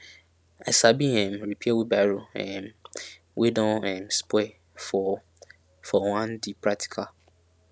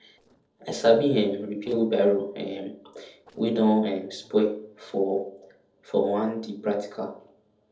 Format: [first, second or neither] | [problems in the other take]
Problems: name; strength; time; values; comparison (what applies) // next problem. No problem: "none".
first | noise reduction (neural separator model SepFormer DNS4)